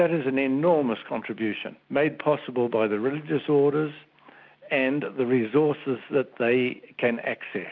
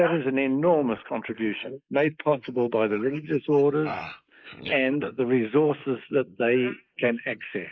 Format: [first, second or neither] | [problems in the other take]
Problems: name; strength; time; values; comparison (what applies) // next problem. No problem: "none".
first | noise reduction (neural mask model Resemble Enhance denoiser)